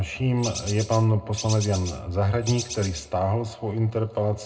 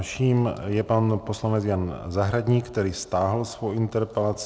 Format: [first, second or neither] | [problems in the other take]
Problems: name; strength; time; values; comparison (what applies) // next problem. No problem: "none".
second | background sound (Bird); 12 dB below the speech // room echo; dies away in 0.2 s